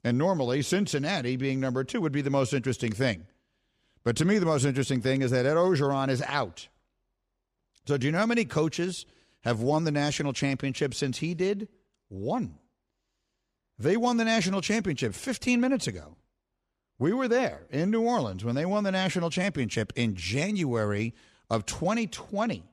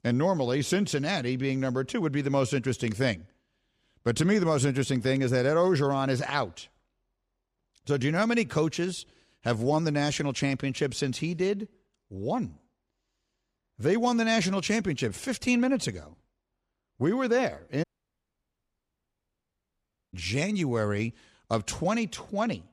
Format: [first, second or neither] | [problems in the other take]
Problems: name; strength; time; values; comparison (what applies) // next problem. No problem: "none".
first | audio cutting out; at 18 s for 2.5 s